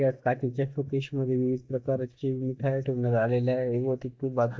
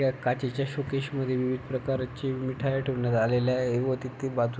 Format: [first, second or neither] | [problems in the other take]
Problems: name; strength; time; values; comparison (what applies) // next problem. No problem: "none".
second | noise reduction (neural mask model DeepFilterNet 3)